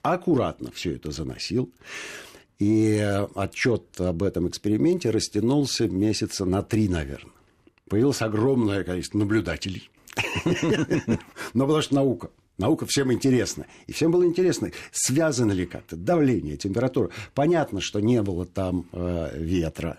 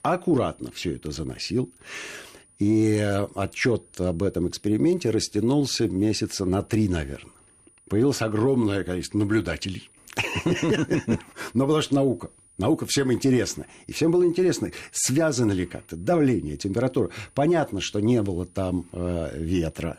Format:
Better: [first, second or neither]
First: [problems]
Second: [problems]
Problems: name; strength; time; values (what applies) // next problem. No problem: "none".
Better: first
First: none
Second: high-pitched whine; faint; throughout; 9.5 kHz, 30 dB below the speech